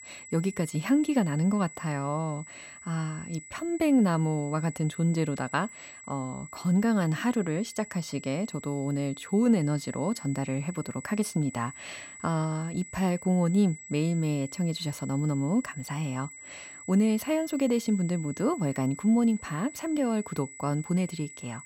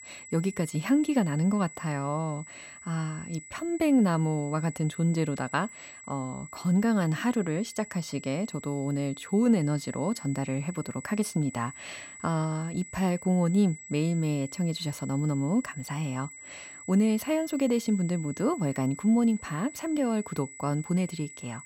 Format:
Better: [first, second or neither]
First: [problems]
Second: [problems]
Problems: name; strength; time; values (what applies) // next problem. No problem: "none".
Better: neither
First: high-pitched whine; noticeable; throughout; 8 kHz, 15 dB below the speech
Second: high-pitched whine; noticeable; throughout; 8 kHz, 15 dB below the speech